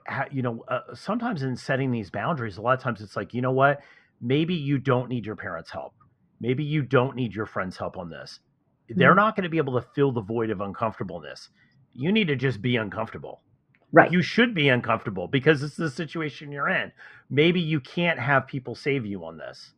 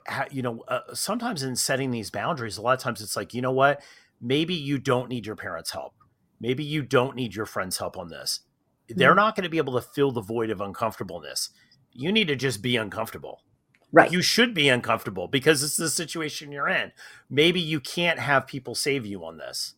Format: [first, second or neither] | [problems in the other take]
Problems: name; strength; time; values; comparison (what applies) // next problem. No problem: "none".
second | muffled; very; fading above 2 kHz